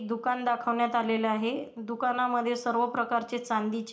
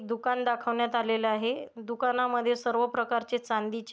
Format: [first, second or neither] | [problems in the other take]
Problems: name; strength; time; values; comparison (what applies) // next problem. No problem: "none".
second | room echo; dies away in 0.4 s